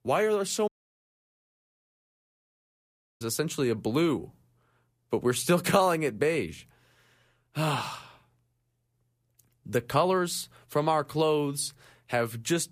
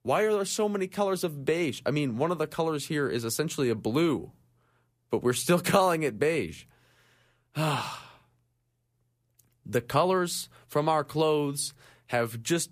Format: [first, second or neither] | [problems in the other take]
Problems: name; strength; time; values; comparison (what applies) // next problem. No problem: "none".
second | audio cutting out; at 0.5 s for 2.5 s